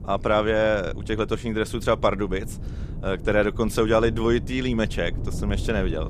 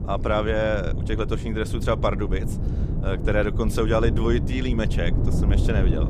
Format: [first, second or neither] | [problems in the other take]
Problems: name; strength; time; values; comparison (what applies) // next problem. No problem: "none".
first | wind noise on the microphone; heavy; 10 dB below the speech; occasional gusts in the first